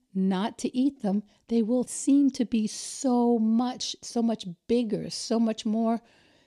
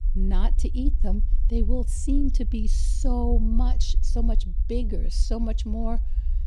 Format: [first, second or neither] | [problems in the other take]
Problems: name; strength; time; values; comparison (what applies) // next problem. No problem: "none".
first | low rumble; noticeable; throughout; 15 dB below the speech